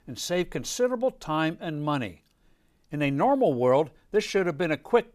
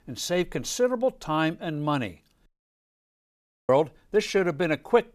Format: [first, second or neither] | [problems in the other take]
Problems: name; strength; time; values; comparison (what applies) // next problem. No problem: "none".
first | audio cutting out; at 2.5 s for 1 s